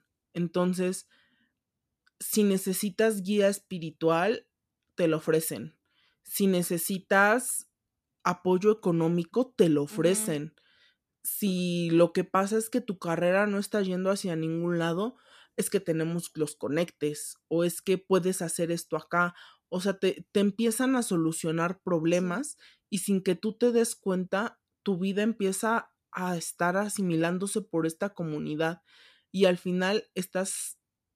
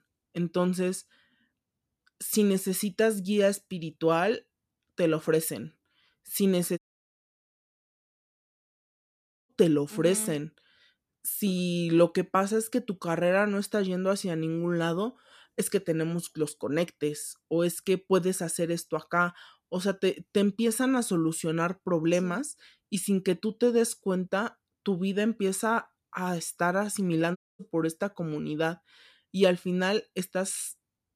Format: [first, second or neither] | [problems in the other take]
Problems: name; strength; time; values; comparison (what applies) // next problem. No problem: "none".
first | audio cutting out; at 7 s for 2.5 s and at 27 s